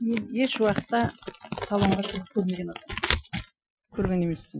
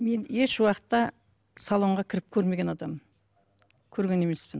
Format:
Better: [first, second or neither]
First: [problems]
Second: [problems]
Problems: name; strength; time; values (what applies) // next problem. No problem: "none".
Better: second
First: noise reduction (classical method Wiener filter)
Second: none